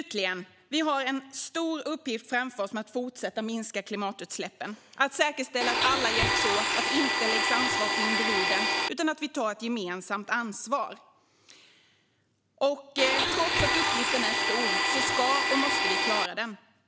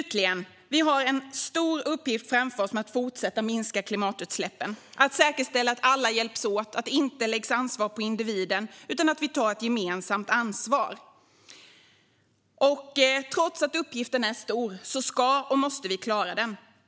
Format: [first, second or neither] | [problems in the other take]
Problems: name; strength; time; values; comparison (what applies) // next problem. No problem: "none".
second | background sound (Domestic sounds, home sounds); 4 dB above the speech